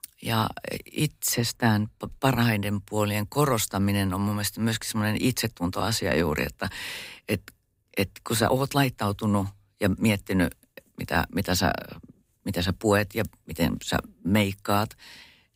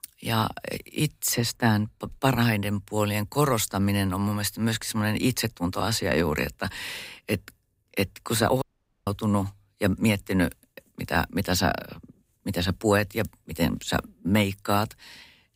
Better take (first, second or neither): first